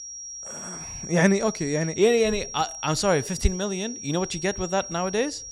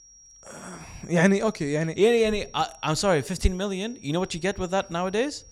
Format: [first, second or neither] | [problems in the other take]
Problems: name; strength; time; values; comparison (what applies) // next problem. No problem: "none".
second | high-pitched whine; loud; throughout; 5.5 kHz, 10 dB below the speech; faint in the second